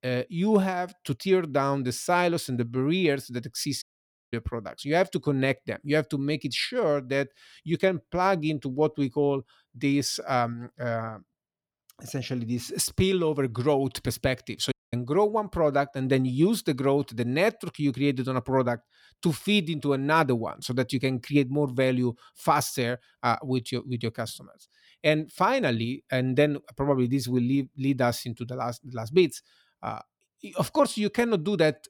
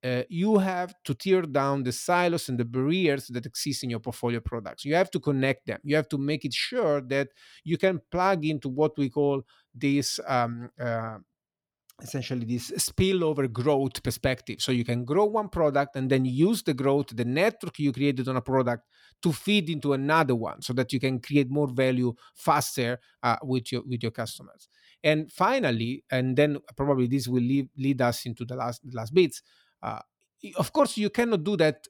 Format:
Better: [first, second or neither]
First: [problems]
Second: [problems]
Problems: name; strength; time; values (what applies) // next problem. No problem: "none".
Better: second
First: audio cutting out; at 4 s for 0.5 s and at 15 s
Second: none